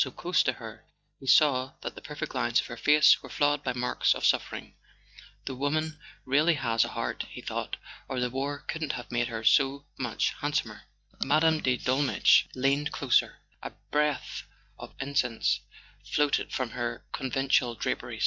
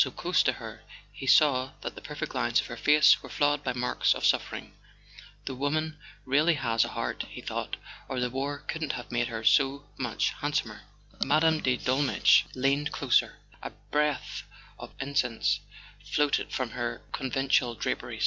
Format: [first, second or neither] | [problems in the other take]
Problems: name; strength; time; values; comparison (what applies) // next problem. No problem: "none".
second | noise reduction (neural mask model DeepFilterNet 3)